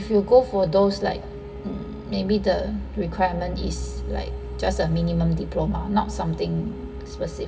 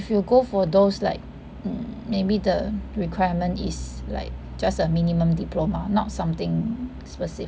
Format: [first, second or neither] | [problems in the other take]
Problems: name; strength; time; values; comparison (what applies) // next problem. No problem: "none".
second | background sound (Wind instrument, woodwind instrument); 19 dB below the speech // room echo; dies away in 1.2 s